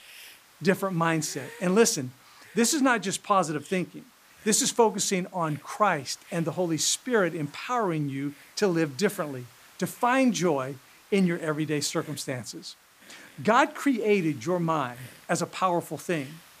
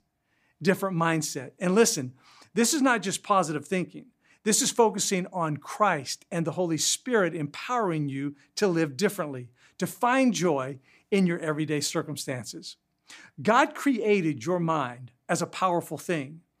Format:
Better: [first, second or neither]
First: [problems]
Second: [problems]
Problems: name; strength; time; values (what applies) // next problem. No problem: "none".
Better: second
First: hiss; faint; throughout; 25 dB below the speech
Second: none